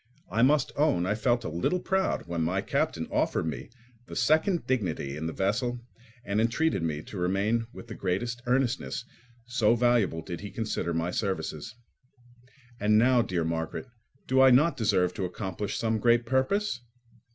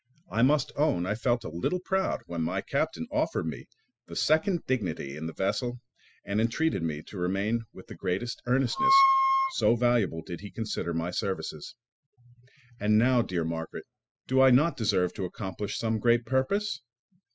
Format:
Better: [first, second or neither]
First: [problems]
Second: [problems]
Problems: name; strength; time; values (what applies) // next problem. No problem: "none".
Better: first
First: none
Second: noise reduction (classical method spectral subtraction)